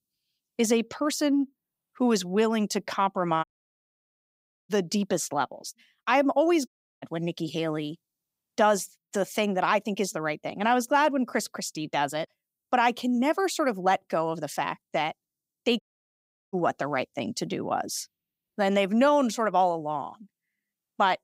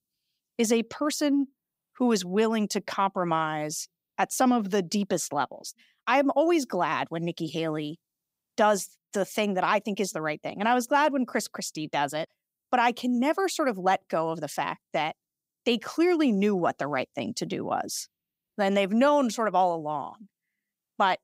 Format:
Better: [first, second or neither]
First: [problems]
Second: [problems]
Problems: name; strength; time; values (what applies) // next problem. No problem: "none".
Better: second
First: audio cutting out; at 3.5 s for 1.5 s, at 6.5 s and at 16 s for 0.5 s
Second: none